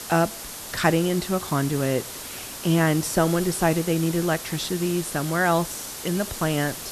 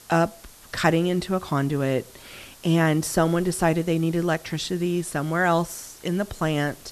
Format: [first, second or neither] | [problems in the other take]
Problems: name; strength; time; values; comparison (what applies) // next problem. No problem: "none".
second | hiss; loud; throughout; 9 dB below the speech; faint in the second